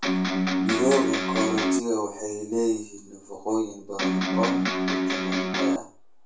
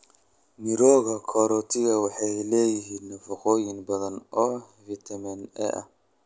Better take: second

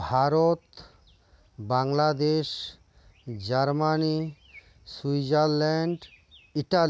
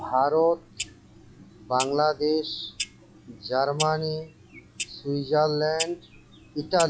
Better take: first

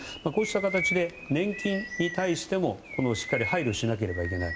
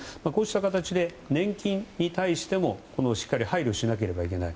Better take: second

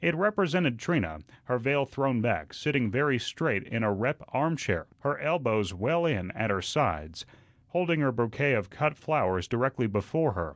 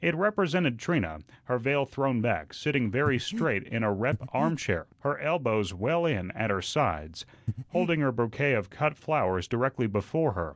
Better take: first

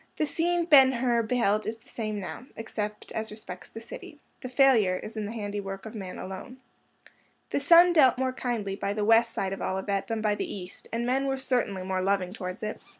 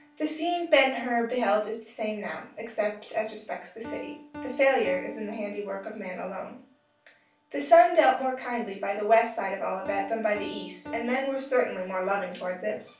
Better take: first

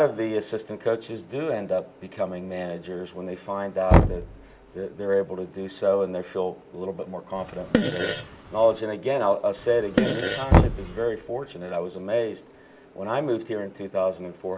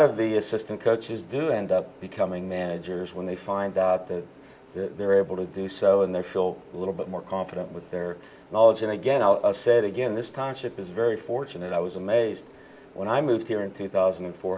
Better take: second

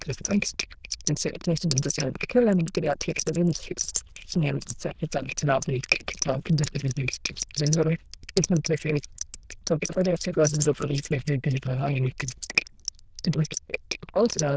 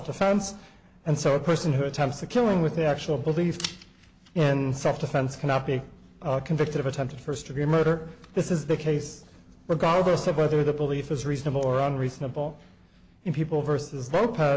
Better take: second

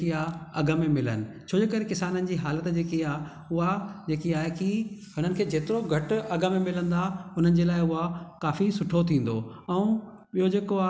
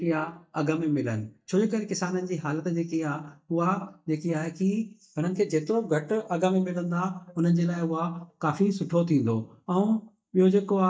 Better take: first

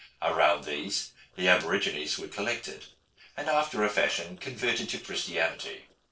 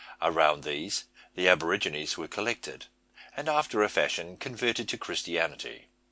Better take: second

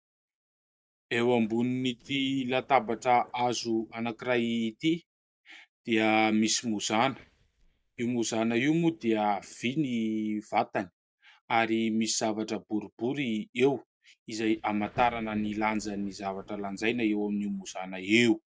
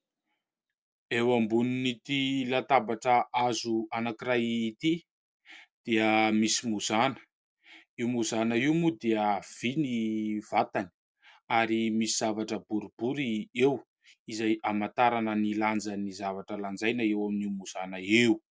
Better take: second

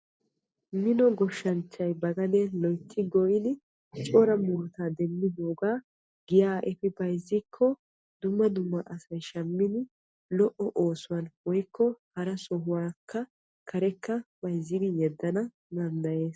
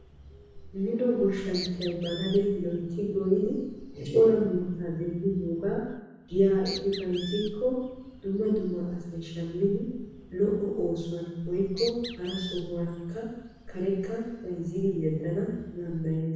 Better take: first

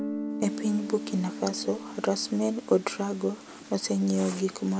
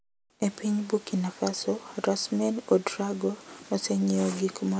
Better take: second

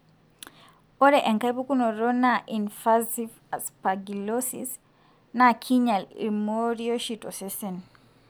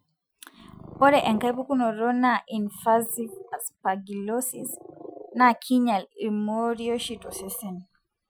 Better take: first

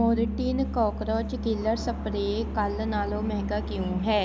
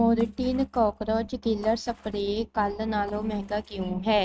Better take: first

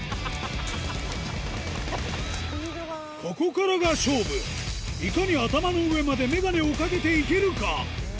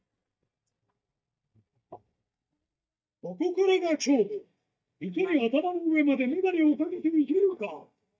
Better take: first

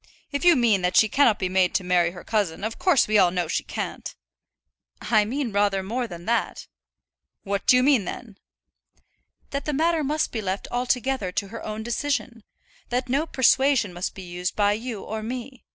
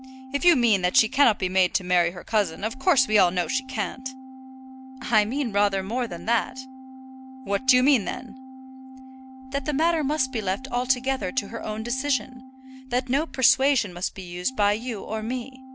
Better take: first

